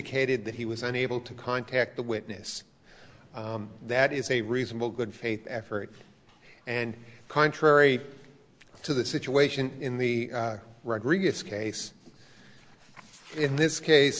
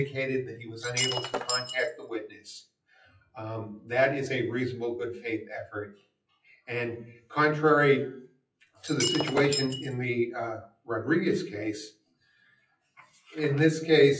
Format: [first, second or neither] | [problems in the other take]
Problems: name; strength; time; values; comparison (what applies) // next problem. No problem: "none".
first | noise reduction (classical method WPE with log-MMSE)